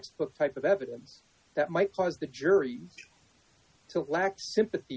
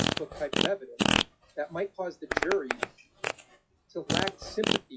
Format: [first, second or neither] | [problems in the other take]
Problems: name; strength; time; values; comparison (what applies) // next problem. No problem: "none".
first | noise reduction (classical method log-MMSE)